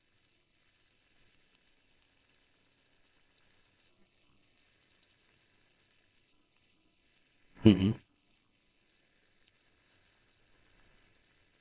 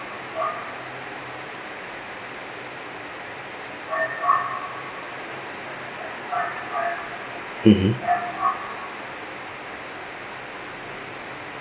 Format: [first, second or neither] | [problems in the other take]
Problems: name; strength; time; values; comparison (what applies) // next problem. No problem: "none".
second | noise reduction (neural separator model SepFormer WHAMR!)